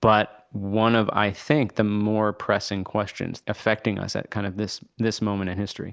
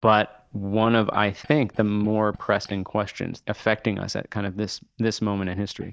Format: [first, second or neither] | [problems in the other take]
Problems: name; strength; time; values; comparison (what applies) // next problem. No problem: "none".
first | noise reduction (neural mask model DeepFilterNet 3)